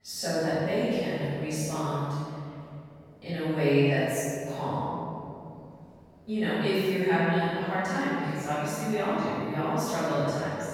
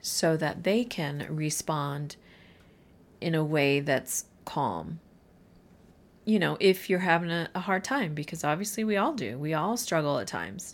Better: second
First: room echo; strong; dies away in 2.4 s // off-mic speech; far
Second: none

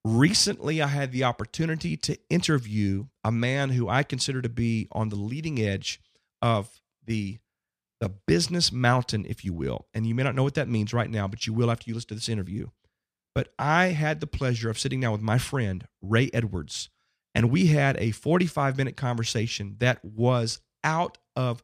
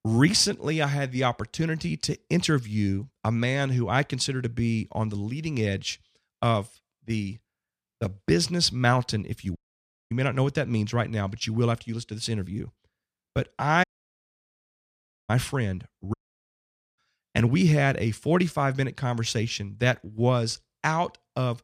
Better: first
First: none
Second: audio cutting out; at 9.5 s for 0.5 s, at 14 s for 1.5 s and at 16 s for 1 s

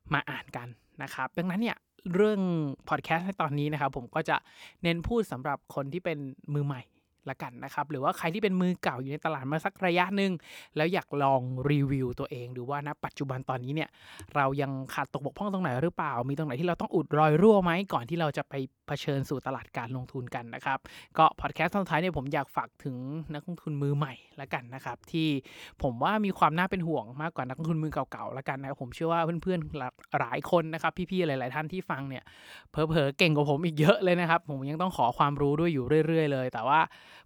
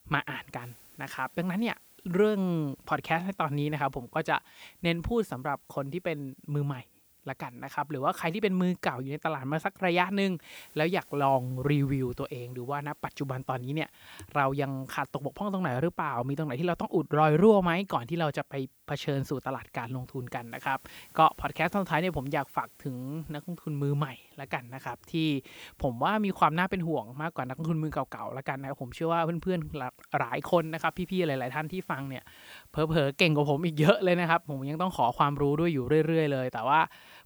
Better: first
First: none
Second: hiss; faint; throughout; 25 dB below the speech

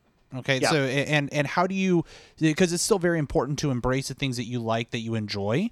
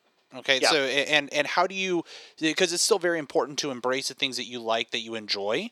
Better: first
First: none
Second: thin; somewhat; fading below 450 Hz

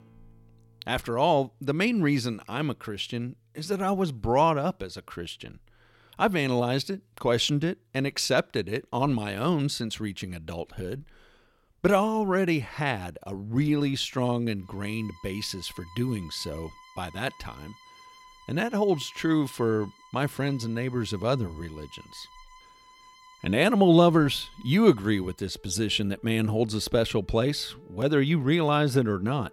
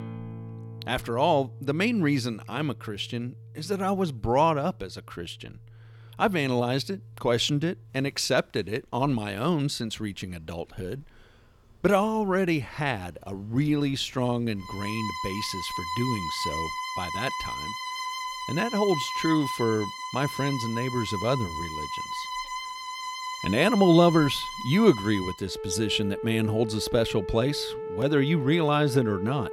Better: first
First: background music; faint; throughout; 25 dB below the speech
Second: background music; loud; throughout; 8 dB below the speech

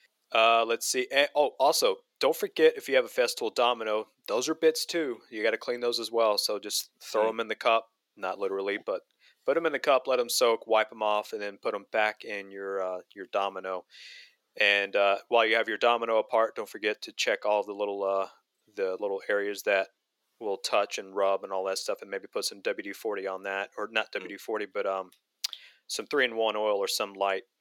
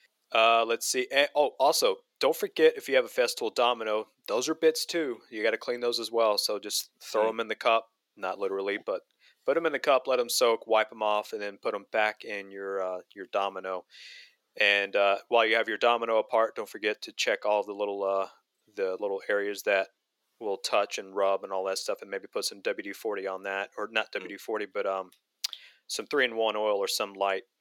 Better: neither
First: thin; very; fading below 400 Hz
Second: thin; very; fading below 400 Hz

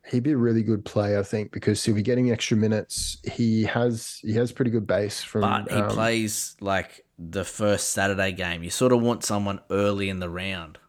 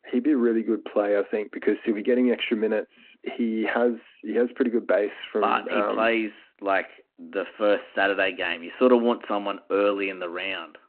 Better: first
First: none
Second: phone-call audio

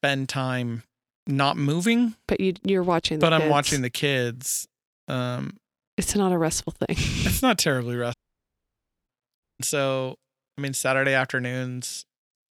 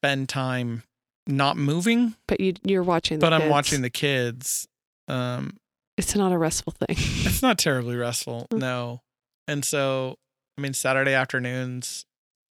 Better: second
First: audio cutting out; at 8 s for 1 s and at 9.5 s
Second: none

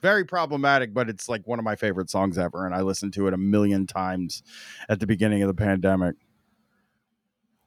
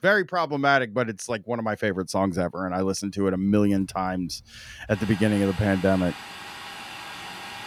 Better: first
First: none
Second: household noises; noticeable; from 3.5 s on; 15 dB below the speech

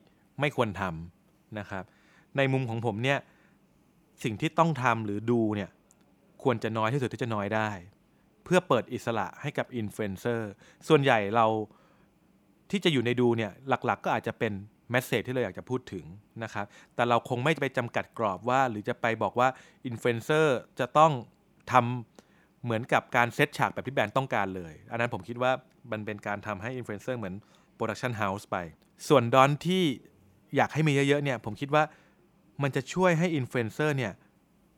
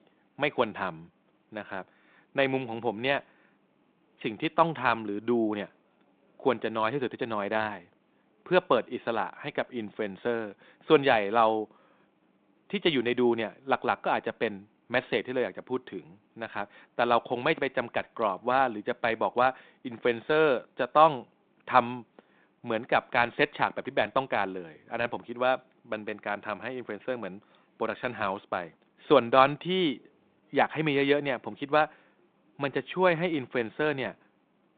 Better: first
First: none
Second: phone-call audio; nothing above 4 kHz

